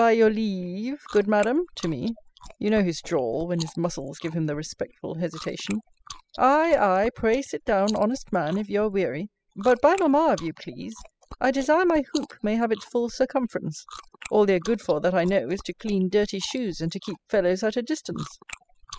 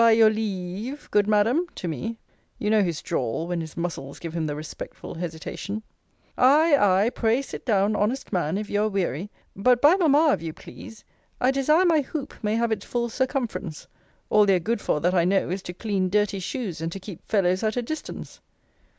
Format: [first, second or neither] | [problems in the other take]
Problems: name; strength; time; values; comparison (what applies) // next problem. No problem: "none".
second | noise reduction (classical method spectral subtraction)